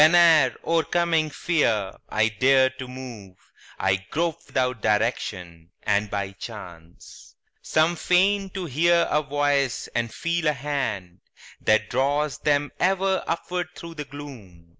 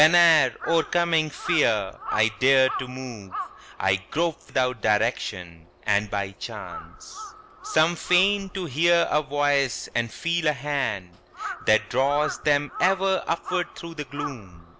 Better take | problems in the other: first | background sound (Crow); 13 dB below the speech

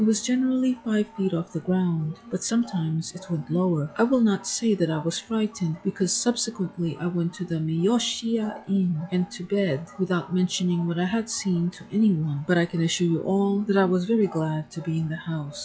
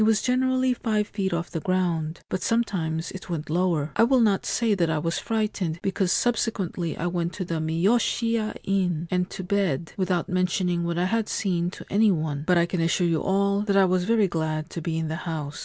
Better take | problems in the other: second | noise reduction (classical method log-MMSE)

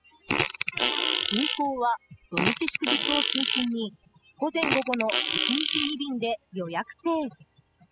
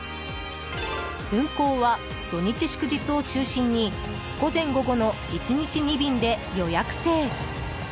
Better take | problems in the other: second | noise reduction (classical method spectral subtraction)

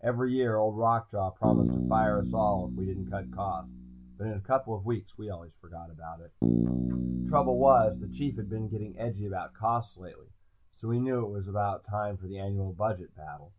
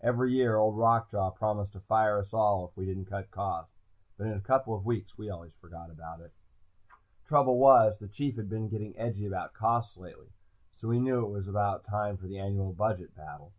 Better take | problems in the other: second | background sound (Bass guitar); 2 dB below the speech

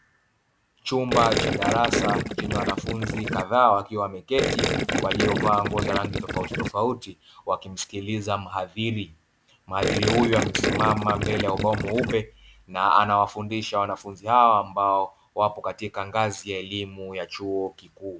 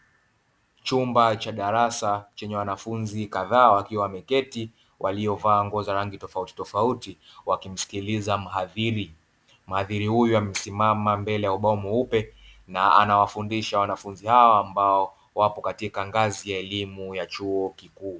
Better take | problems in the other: second | background sound (Gurgling); as loud as the speech

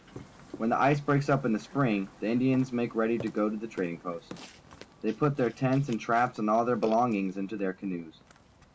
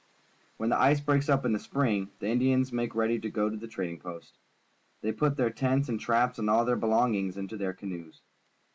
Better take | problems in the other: second | background sound (Burping, eructation); 19 dB below the speech

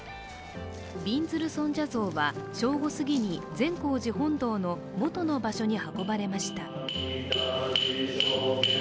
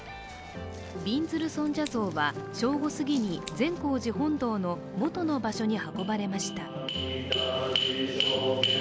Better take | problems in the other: first | background sound (Scissors); 18 dB below the speech

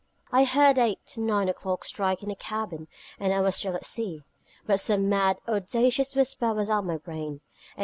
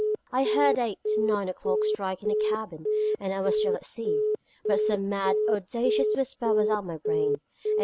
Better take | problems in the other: first | background sound (Telephone); 3 dB above the speech

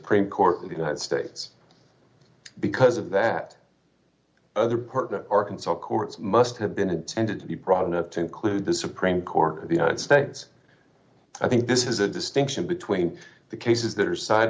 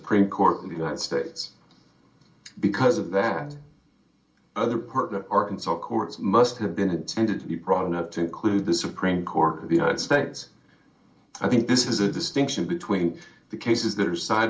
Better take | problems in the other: first | background sound (Brass instrument); 16 dB below the speech // room echo; dies away in 0.2 s

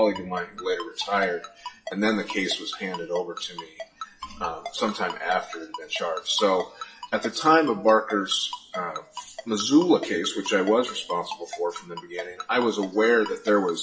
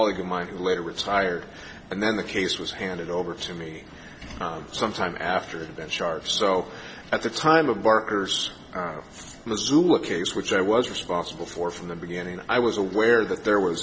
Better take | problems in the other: second | noise reduction (classical method WPE with log-MMSE)

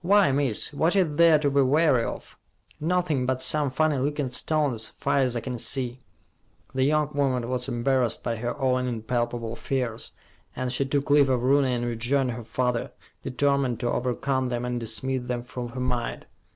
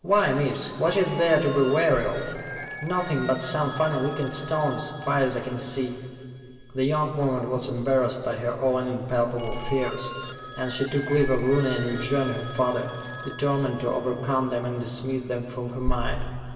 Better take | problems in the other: first | background sound (Telephone); 15 dB below the speech // room echo; dies away in 2.6 s

